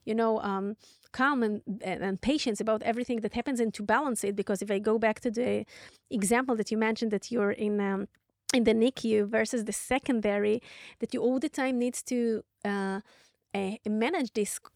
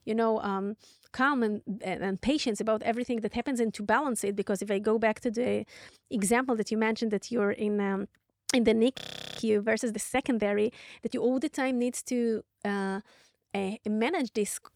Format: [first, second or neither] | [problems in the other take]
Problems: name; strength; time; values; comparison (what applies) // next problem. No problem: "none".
first | audio freezing; at 9 s